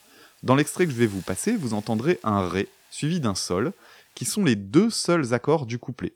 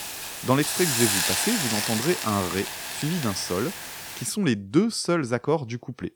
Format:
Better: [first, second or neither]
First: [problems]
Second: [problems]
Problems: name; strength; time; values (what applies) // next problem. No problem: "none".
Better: first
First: hiss; faint; until 4.5 s; 25 dB below the speech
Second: hiss; loud; until 4.5 s; as loud as the speech